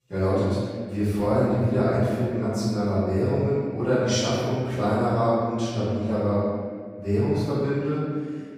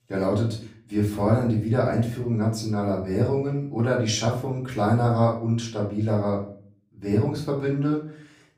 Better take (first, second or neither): second